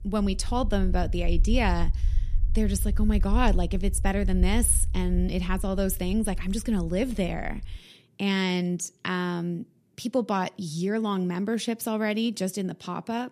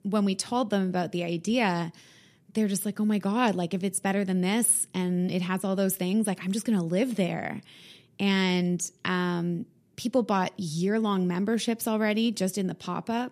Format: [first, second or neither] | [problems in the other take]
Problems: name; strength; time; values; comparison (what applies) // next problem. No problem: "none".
second | low rumble; faint; until 8 s; 20 dB below the speech